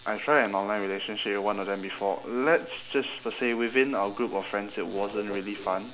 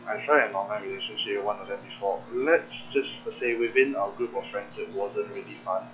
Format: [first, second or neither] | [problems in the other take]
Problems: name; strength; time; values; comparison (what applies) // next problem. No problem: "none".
first | noise reduction (classical method log-MMSE)